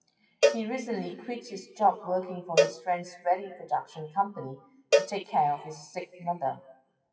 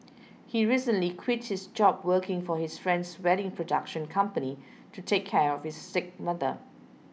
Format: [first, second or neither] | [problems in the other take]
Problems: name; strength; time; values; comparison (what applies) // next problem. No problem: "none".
second | noise reduction (classical method WPE with log-MMSE)